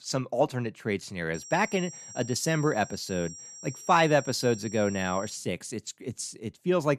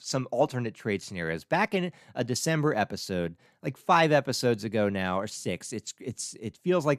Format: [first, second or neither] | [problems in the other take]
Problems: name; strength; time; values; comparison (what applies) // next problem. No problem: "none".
second | high-pitched whine; noticeable; from 1.5 to 5.5 s; 5.5 kHz, 15 dB below the speech